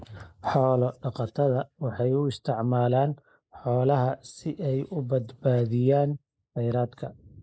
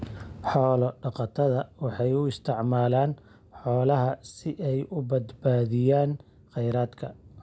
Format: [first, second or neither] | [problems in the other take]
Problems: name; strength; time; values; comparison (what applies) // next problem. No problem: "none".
second | noise reduction (neural mask model Resemble Enhance denoiser)